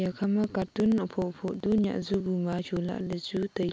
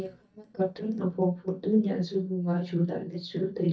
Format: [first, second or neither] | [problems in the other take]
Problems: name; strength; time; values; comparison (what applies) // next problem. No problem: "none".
first | noise reduction (neural mask model DeepFilterNet 3)